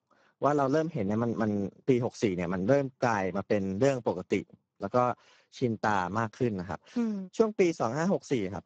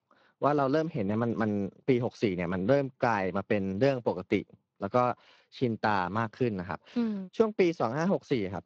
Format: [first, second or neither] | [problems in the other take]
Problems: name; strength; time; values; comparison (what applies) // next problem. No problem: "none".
second | garbled, watery; badly; slightly in the second